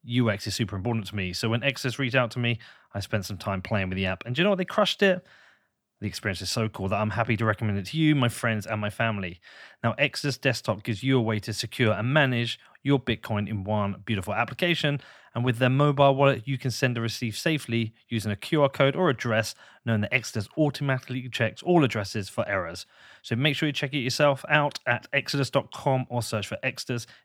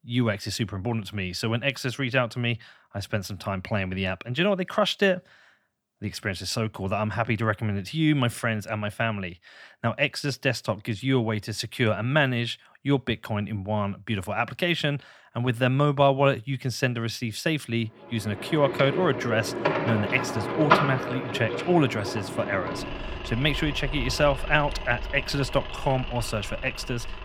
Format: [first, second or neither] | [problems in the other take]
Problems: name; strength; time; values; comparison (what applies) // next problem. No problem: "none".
first | machinery noise; loud; from 18 s on; 4 dB below the speech